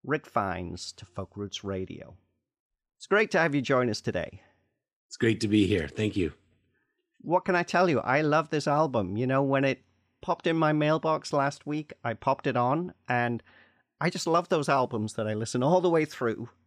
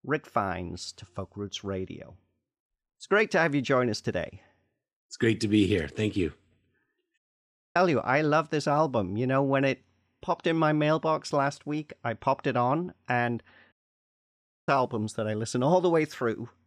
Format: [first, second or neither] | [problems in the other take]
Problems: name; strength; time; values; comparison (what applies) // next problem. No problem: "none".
first | audio cutting out; at 7 s for 0.5 s and at 14 s for 1 s